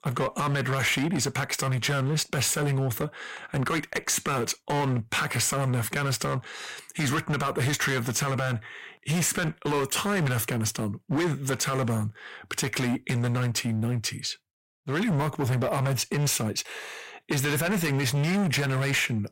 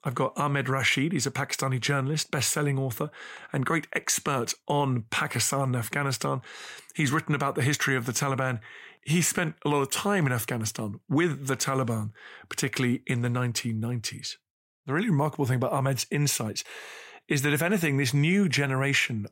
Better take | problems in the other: second | distortion; heavy; 18% of the sound clipped

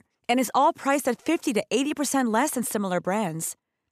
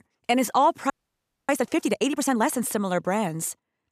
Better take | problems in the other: first | audio freezing; at 1 s for 0.5 s

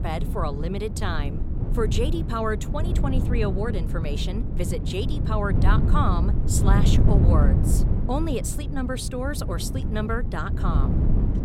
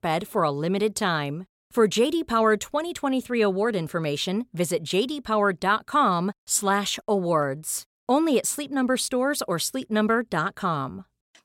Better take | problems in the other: second | wind noise on the microphone; heavy; 6 dB below the speech

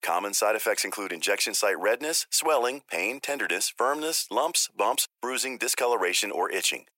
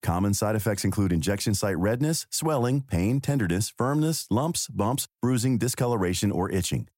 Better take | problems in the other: second | thin; very; fading below 450 Hz

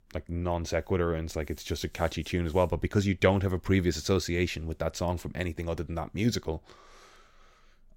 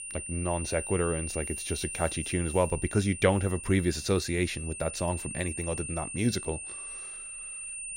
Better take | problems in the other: first | high-pitched whine; loud; throughout; 9 kHz, 6 dB below the speech

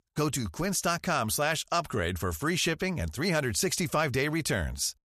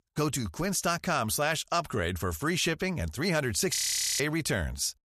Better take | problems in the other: first | audio freezing; at 4 s

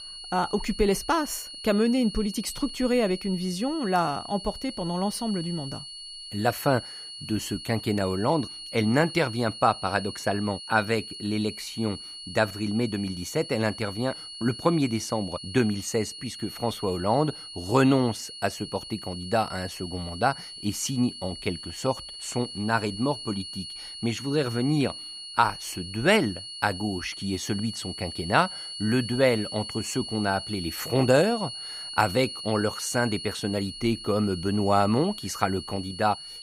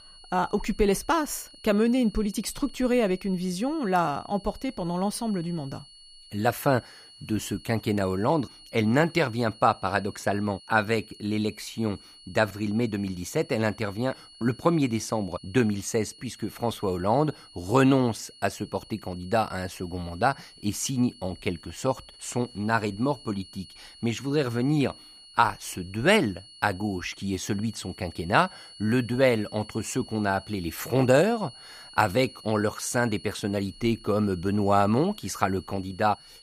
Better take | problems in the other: second | high-pitched whine; loud; throughout; 4.5 kHz, 10 dB below the speech; faint in the second

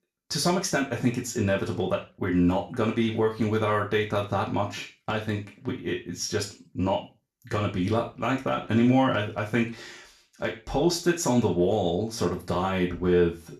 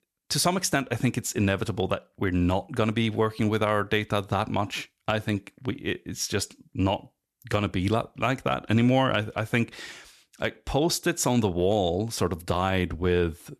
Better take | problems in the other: second | room echo; slight; dies away in 0.3 s // off-mic speech; somewhat distant

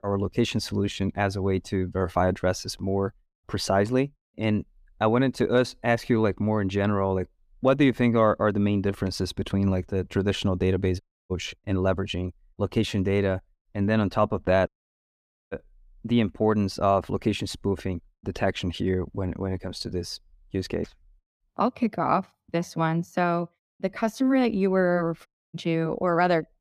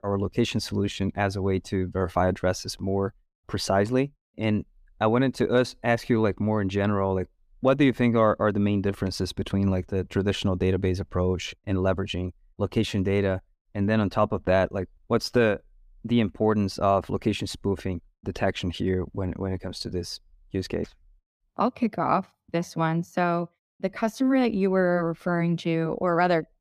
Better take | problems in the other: second | audio cutting out; at 11 s, at 15 s for 1 s and at 25 s

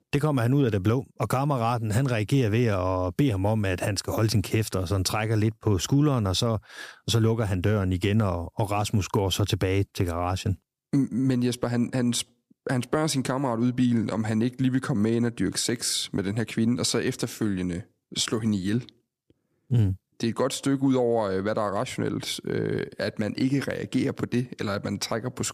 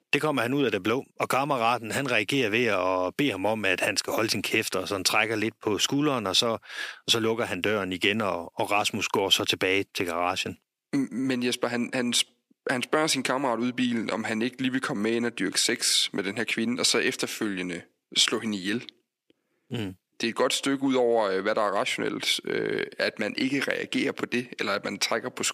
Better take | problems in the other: first | thin; somewhat; fading below 300 Hz

